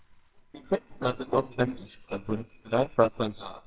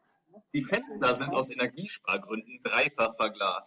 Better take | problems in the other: second | noise reduction (neural separator model SepFormer WHAMR!)

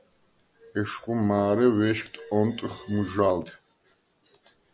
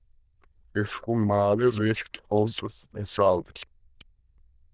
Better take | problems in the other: first | noise reduction (neural diffusion model UNIVERSE++)

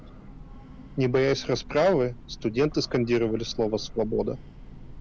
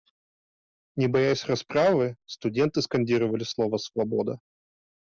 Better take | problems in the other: second | background sound (Train / Breathing); 15 dB below the speech

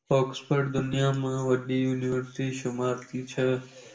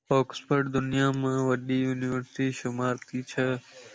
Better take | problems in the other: second | room echo; dies away in 0.5 s

